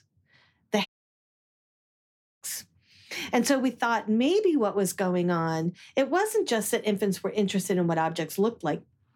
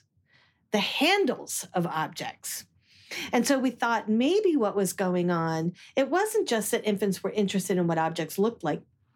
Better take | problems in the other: second | audio cutting out; at 1 s for 1.5 s

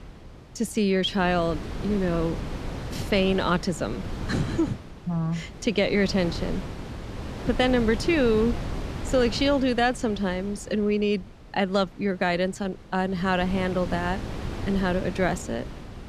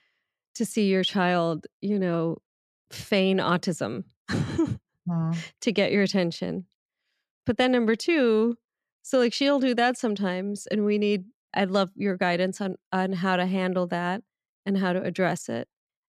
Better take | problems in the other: second | wind noise on the microphone; occasional gusts; 15 dB below the speech

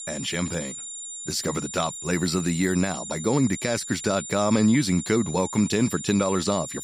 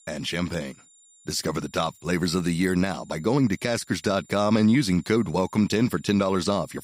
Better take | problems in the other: second | high-pitched whine; loud; throughout; 7 kHz, 9 dB below the speech; faint in the second

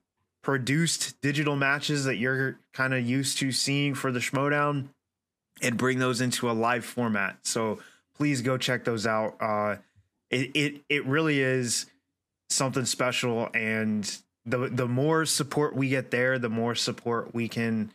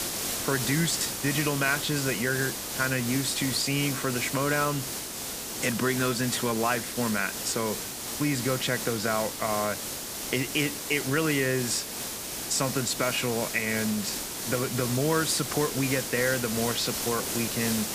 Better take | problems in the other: first | hiss; loud; throughout; 3 dB below the speech

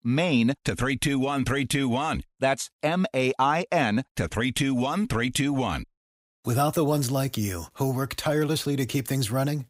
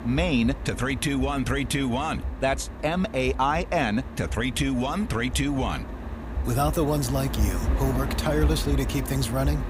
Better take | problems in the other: first | wind noise on the microphone; occasional gusts; 10 dB below the speech

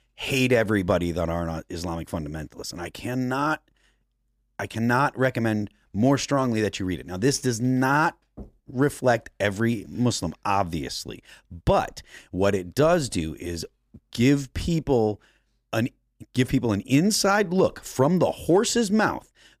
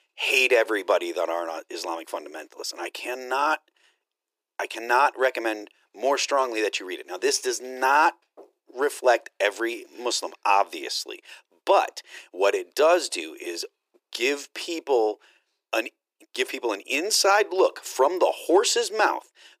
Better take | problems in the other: first | thin; very; fading below 350 Hz

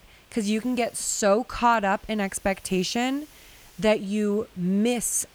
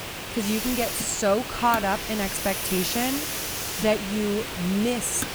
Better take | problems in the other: first | hiss; loud; throughout; 3 dB below the speech; faint in the first

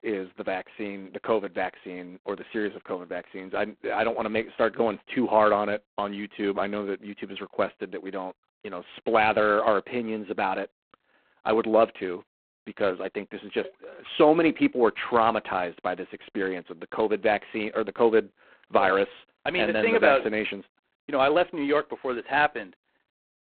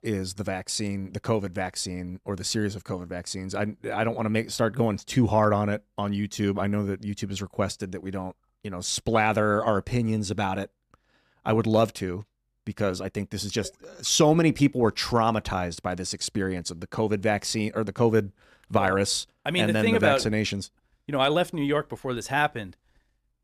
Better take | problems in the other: second | phone-call audio; poor line; nothing above 4 kHz

